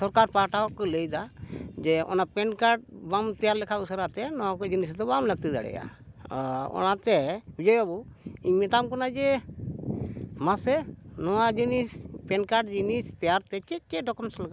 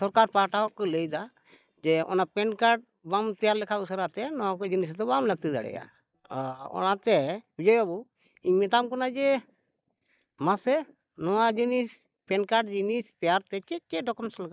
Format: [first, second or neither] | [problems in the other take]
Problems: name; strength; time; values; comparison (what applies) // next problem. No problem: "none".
first | noise reduction (neural mask model DeepFilterNet 3)